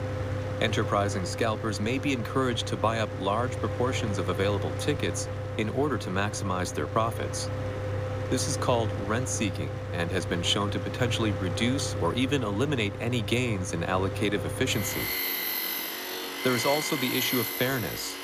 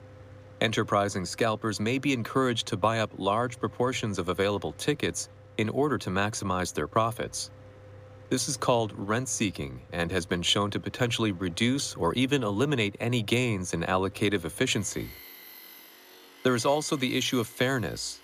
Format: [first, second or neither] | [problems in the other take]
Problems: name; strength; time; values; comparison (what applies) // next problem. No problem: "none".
second | machinery noise; loud; throughout; 3 dB below the speech; faint in the second